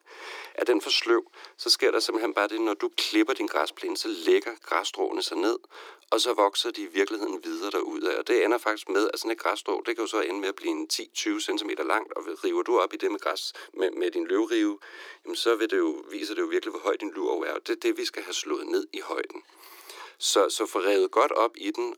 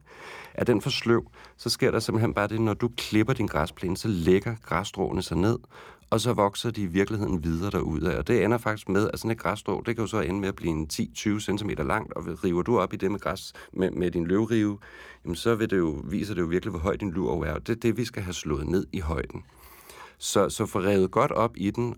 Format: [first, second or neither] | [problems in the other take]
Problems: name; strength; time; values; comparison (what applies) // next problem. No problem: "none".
second | thin; very; fading below 300 Hz